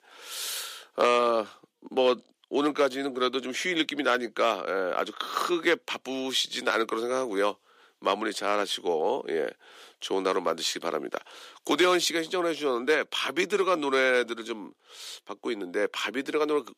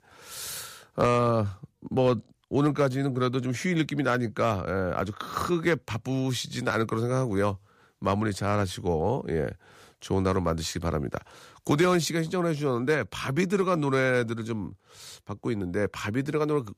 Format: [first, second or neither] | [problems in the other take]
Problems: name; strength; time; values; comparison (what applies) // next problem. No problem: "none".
second | thin; somewhat; fading below 300 Hz